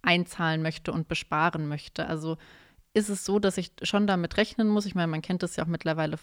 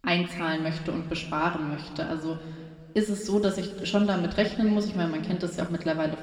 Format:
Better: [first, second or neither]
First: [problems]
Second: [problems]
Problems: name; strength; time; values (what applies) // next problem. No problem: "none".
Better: first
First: none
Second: room echo; noticeable; dies away in 2 s // off-mic speech; somewhat distant